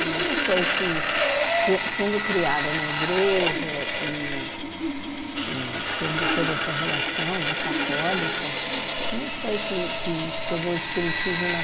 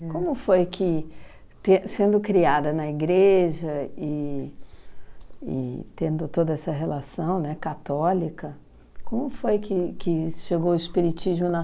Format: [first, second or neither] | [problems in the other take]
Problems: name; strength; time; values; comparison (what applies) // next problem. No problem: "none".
second | background sound (Sawing); 2 dB above the speech